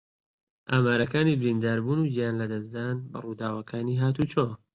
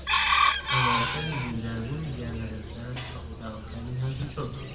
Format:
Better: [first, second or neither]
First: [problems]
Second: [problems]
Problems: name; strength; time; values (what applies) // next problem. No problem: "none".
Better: first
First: none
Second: background sound (Chicken, rooster); 4 dB above the speech // room echo; dies away in 2.2 s